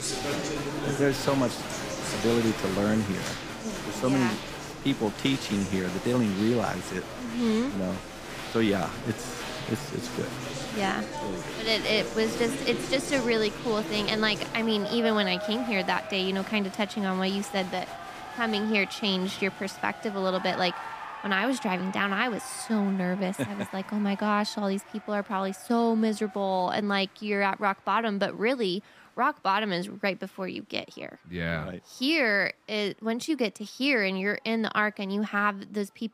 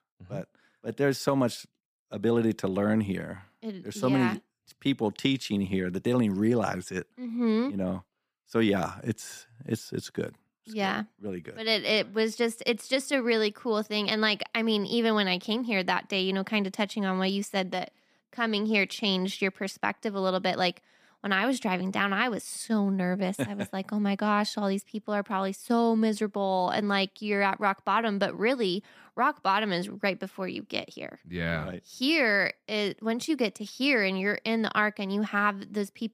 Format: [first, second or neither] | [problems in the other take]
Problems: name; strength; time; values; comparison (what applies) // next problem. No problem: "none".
second | crowd noise; loud; throughout; 8 dB below the speech